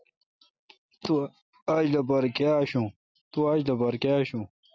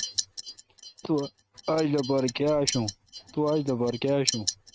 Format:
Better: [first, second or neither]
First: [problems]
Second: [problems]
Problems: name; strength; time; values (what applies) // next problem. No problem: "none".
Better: first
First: none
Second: noise reduction (neural mask model RNNoise)